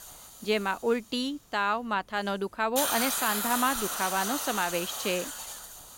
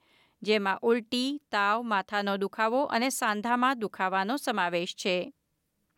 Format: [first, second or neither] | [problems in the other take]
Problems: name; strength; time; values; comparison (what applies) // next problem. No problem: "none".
second | hiss; loud; throughout; 1 dB below the speech